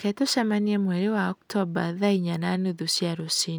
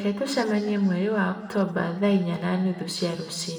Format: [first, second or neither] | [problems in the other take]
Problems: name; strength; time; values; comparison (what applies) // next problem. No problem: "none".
first | room echo; dies away in 1.9 s